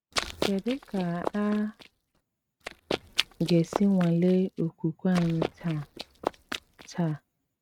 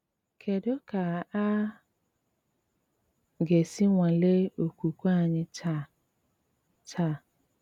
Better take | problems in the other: second | noise reduction (neural mask model RNNoise)

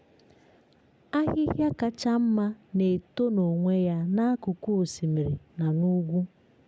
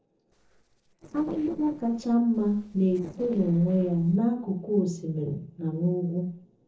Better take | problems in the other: first | noise reduction (neural separator model SepFormer DNS4)

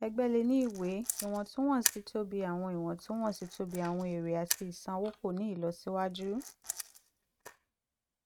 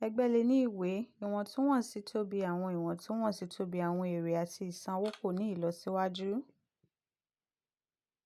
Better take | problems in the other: second | noise reduction (neural mask model RNNoise)

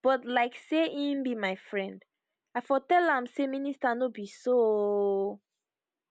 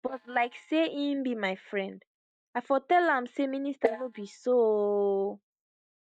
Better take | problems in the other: first | noise reduction (neural mask model DeepFilterNet 3)

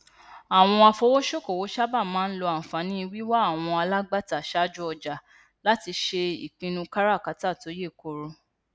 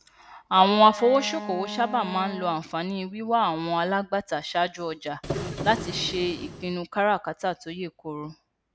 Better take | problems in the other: first | background sound (Printer + Wind instrument, woodwind instrument); 10 dB below the speech

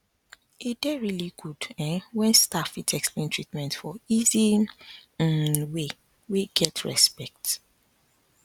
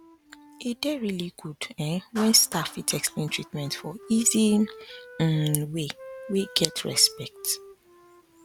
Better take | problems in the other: first | background sound (Wind instrument, woodwind instrument + Clapping); 19 dB below the speech

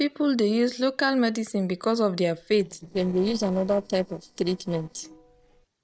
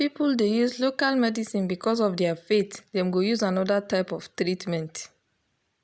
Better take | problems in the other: second | noise reduction (neural separator model SepFormer DNS4)

